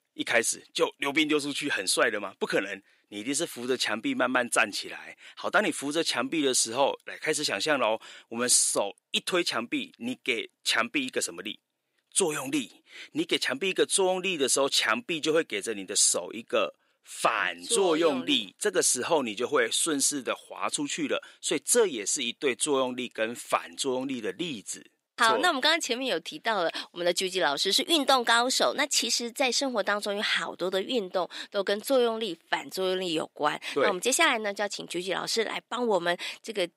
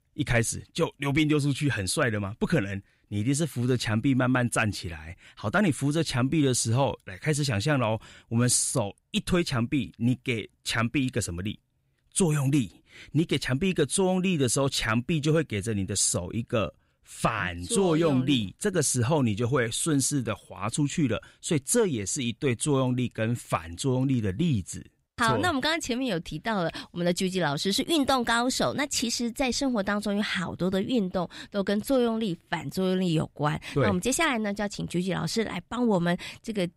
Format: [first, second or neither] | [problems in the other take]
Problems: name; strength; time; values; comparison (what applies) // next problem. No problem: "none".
second | thin; somewhat; fading below 350 Hz